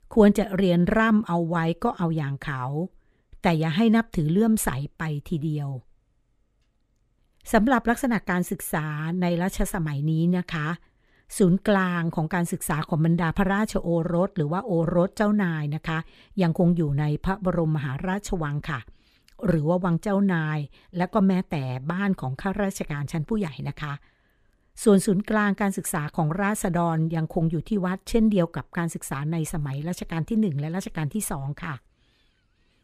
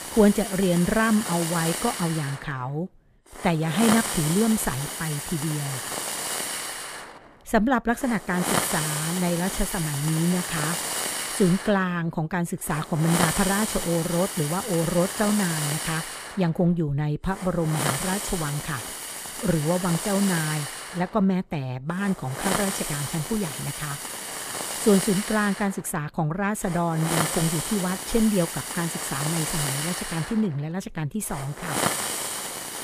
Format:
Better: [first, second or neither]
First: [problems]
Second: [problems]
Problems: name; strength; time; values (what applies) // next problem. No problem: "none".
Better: first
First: none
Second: hiss; loud; throughout; 3 dB below the speech